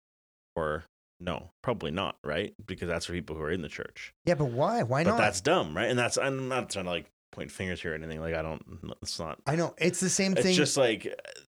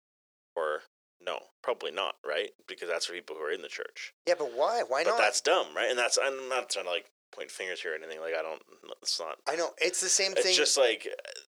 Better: first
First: none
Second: thin; very; fading below 450 Hz

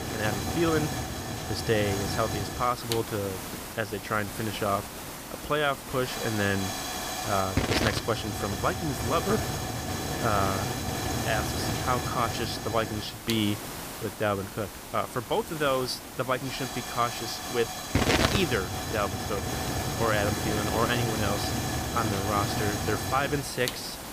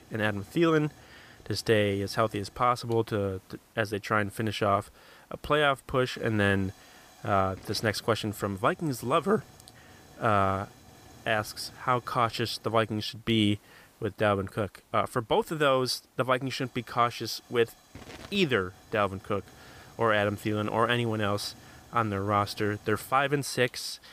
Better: second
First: hiss; loud; throughout; 1 dB below the speech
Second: hiss; faint; throughout; 25 dB below the speech

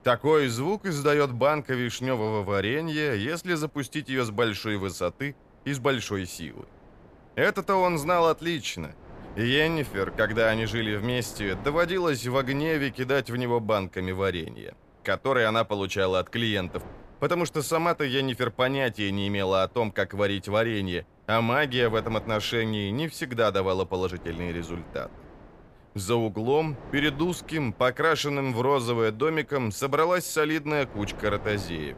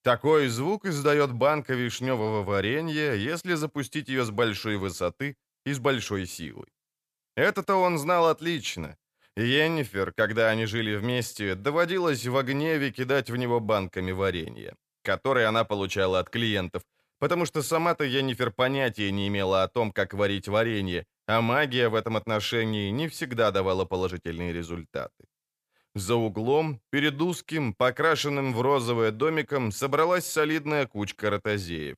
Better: second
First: wind noise on the microphone; occasional gusts; 25 dB below the speech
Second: none

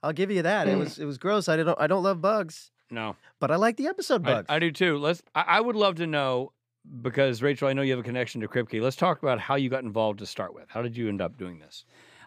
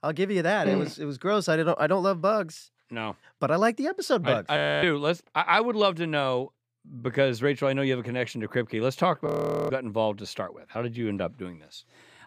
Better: first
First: none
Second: audio freezing; at 4.5 s and at 9.5 s

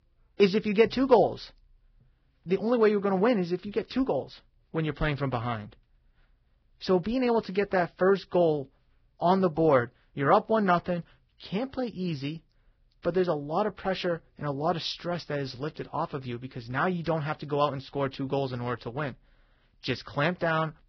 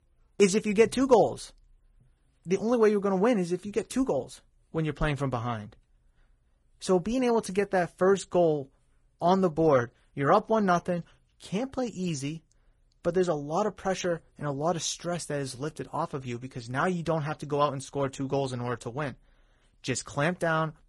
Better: second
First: garbled, watery; badly; nothing above 5.5 kHz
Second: garbled, watery; slightly; nothing above 10.5 kHz

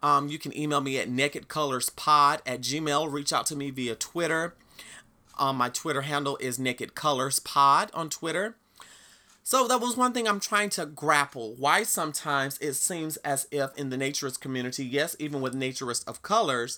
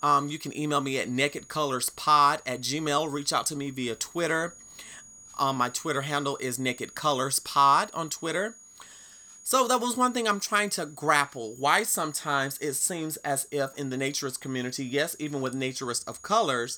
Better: first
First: none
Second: high-pitched whine; faint; throughout; 6.5 kHz, 20 dB below the speech

